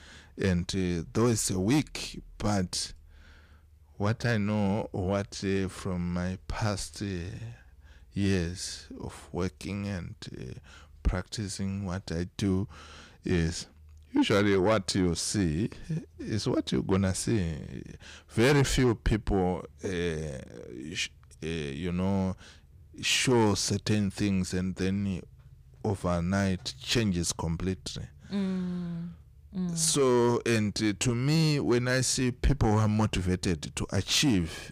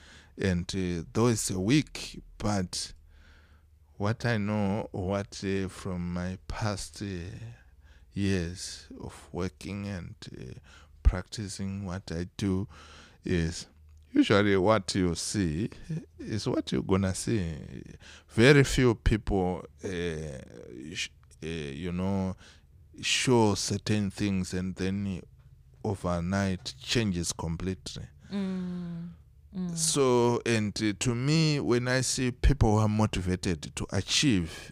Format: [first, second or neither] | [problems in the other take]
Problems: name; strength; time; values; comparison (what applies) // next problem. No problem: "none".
second | distortion; slight; 10 dB below the speech